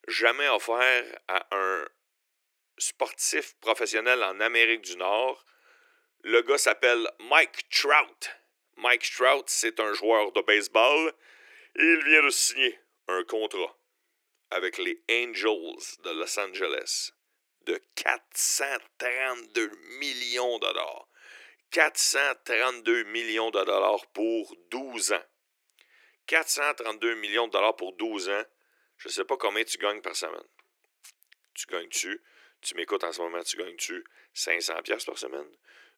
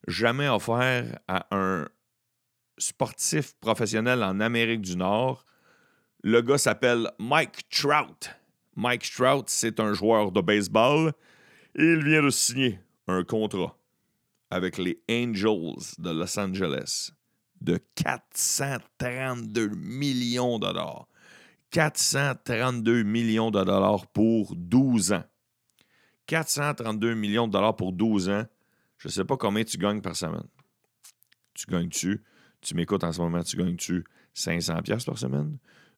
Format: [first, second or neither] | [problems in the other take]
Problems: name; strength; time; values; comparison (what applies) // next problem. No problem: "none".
second | thin; very; fading below 350 Hz